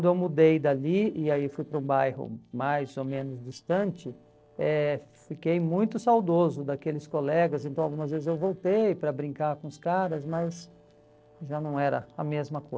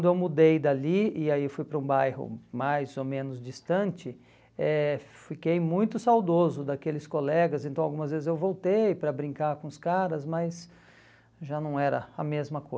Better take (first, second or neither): second